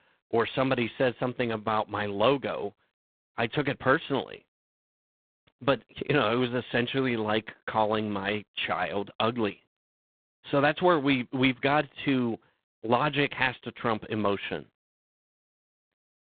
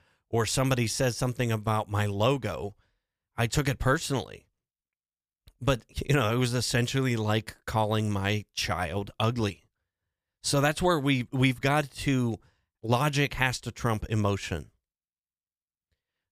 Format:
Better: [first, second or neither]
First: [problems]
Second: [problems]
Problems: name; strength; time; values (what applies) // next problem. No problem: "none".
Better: second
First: phone-call audio; poor line; nothing above 3.5 kHz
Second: none